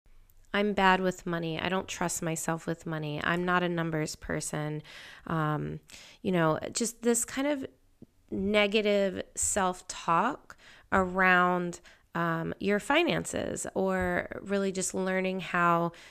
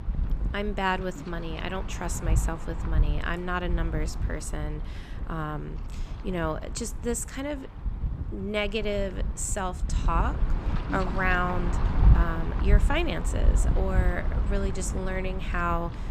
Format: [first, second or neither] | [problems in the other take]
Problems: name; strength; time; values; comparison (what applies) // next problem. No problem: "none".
first | wind noise on the microphone; occasional gusts; 10 dB below the speech